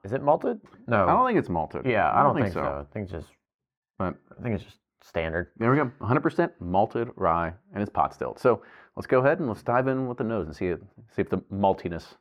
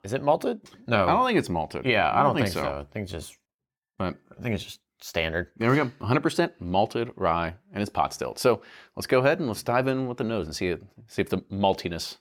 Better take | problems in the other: second | muffled; very; fading above 2.5 kHz

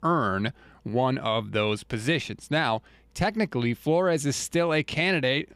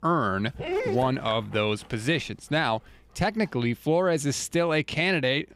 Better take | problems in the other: first | dog barking; noticeable; from 0.5 to 1.5 s; peak 3 dB below the speech

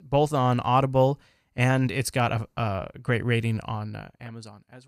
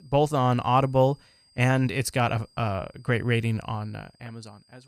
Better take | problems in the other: first | high-pitched whine; faint; throughout; 5 kHz, 35 dB below the speech

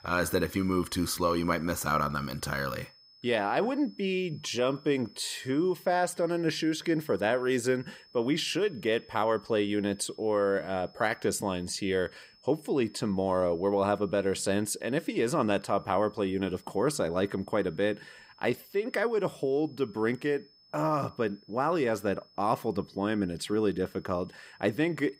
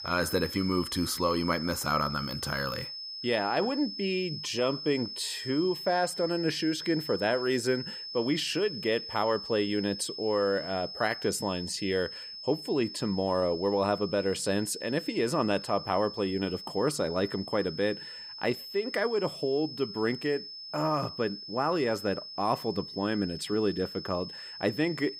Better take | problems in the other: first | high-pitched whine; loud; throughout; 5 kHz, 9 dB below the speech; faint in the first

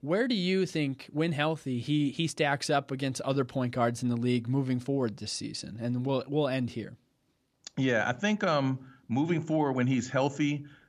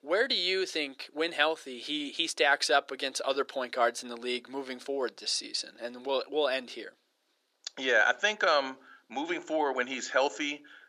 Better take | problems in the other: first | thin; very; fading below 400 Hz

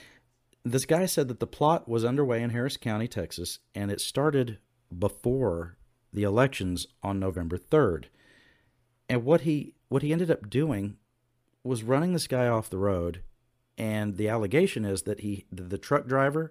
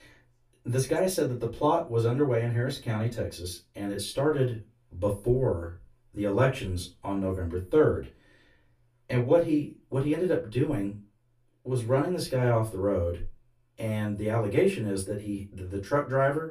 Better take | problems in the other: first | off-mic speech; far // room echo; very slight; dies away in 0.2 s

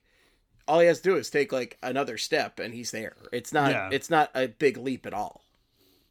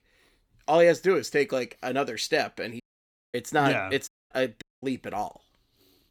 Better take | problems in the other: first | audio cutting out; at 3 s for 0.5 s, at 4 s and at 4.5 s

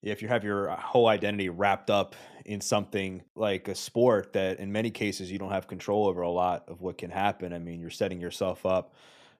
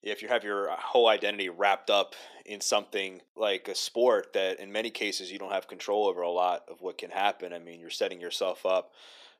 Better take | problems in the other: first | thin; somewhat; fading below 350 Hz

